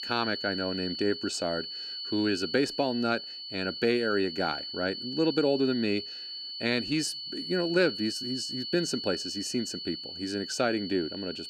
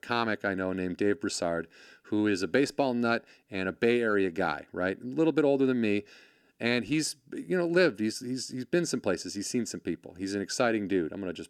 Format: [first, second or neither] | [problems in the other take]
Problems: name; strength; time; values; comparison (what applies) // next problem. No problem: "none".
second | high-pitched whine; loud; throughout; 4.5 kHz, 6 dB below the speech